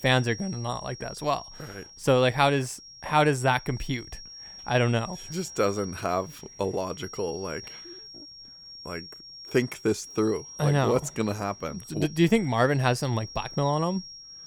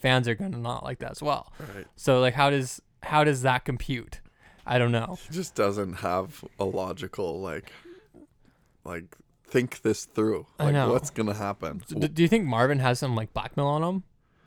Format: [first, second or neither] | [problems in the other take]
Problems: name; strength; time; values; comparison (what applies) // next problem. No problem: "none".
second | high-pitched whine; noticeable; throughout; 5.5 kHz, 15 dB below the speech